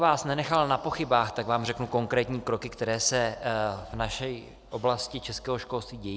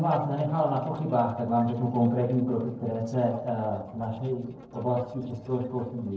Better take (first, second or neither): first